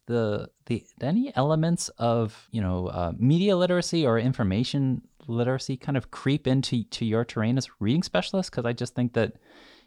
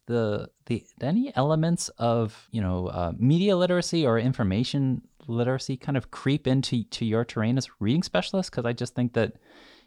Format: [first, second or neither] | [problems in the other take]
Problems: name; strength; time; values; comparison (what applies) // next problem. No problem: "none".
neither | none